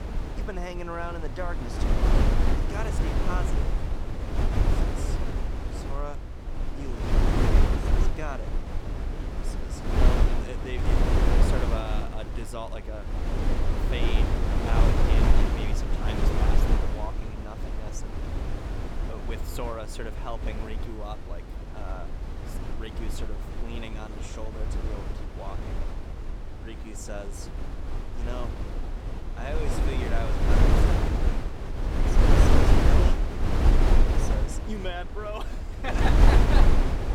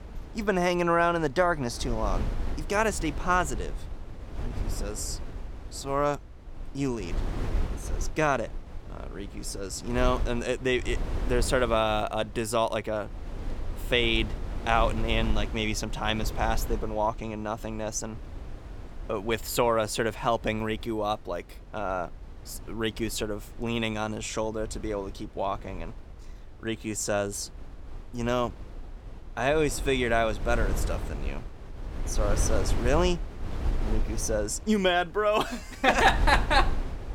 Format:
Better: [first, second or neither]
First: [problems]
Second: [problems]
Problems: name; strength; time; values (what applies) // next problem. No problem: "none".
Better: second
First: wind noise on the microphone; heavy; 4 dB above the speech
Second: wind noise on the microphone; occasional gusts; 15 dB below the speech